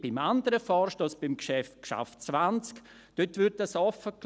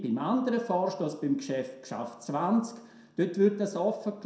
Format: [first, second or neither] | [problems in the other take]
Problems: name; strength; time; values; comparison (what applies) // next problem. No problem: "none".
first | room echo; dies away in 0.5 s